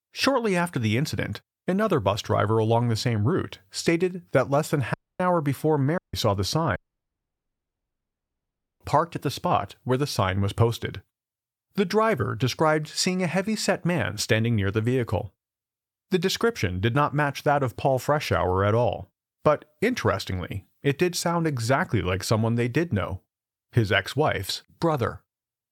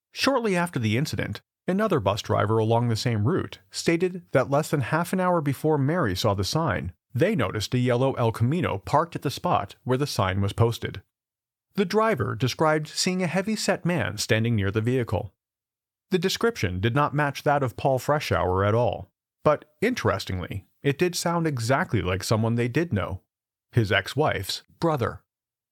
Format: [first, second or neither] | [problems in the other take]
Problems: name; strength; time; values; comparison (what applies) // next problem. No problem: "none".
second | audio cutting out; at 5 s, at 6 s and at 7 s for 2 s